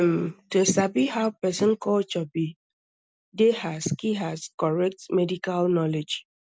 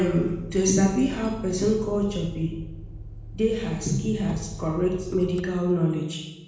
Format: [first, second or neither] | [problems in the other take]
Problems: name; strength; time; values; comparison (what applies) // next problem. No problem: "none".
first | background sound (Motor vehicle (road)); 13 dB below the speech // room echo; dies away in 1 s